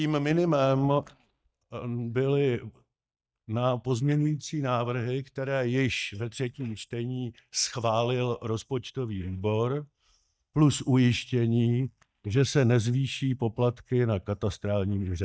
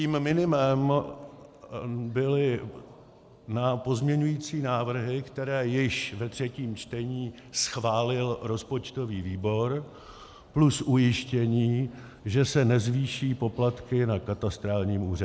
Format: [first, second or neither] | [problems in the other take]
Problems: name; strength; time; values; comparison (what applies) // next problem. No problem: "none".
second | noise reduction (neural mask model DeepFilterNet 3)